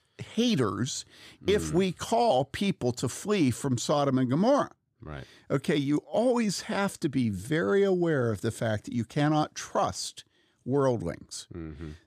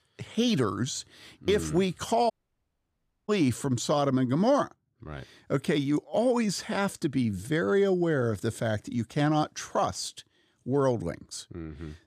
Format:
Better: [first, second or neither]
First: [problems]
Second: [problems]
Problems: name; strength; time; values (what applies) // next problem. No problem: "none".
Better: first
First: none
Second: audio cutting out; at 2.5 s for 1 s